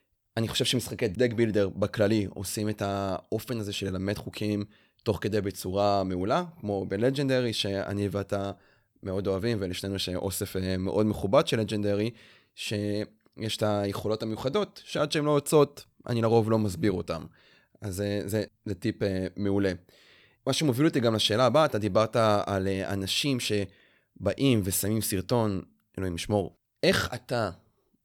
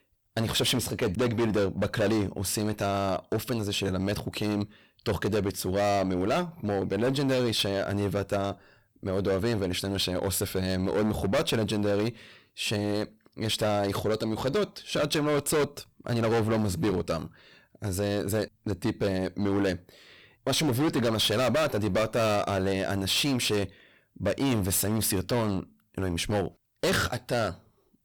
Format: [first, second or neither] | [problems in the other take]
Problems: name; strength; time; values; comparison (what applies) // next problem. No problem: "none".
first | distortion; heavy; 15% of the sound clipped